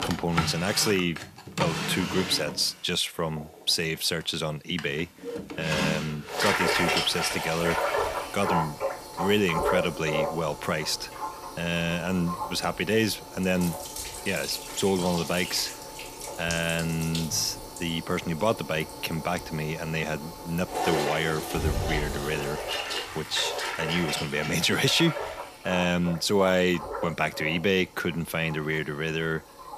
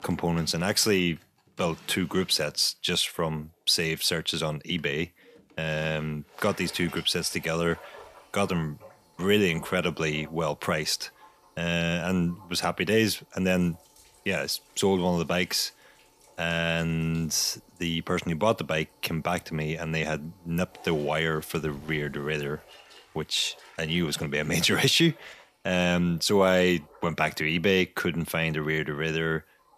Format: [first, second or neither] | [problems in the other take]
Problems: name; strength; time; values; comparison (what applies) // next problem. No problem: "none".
second | household noises; loud; throughout; 5 dB below the speech; faint in the second